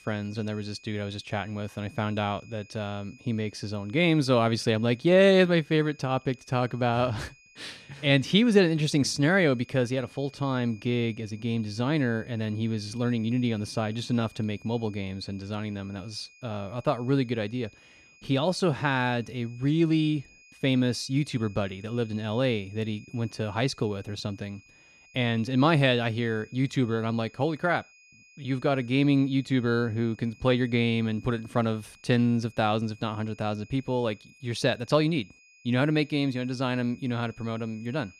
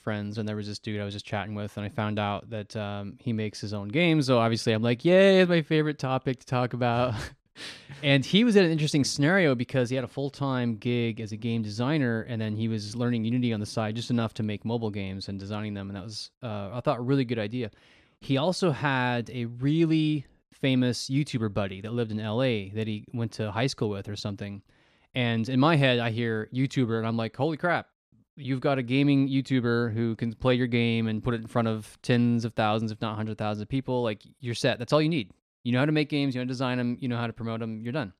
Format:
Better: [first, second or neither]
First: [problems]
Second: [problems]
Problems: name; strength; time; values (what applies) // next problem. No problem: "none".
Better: second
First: high-pitched whine; faint; throughout; 2.5 kHz, 25 dB below the speech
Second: none